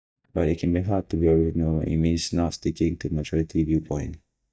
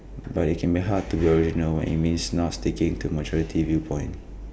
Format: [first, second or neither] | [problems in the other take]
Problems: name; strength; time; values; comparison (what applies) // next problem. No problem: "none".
second | noise reduction (neural mask model DeepFilterNet 3)